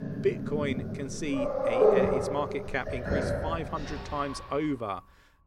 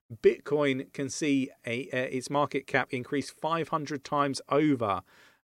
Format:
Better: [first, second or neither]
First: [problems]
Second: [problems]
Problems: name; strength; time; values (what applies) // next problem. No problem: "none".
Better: second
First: animal sounds; very loud; until 4 s; 4 dB above the speech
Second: none